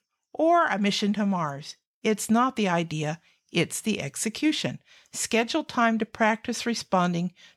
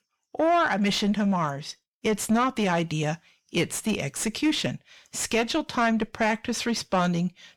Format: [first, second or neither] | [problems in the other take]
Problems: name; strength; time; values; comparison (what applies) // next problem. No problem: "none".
first | distortion; slight; 10 dB below the speech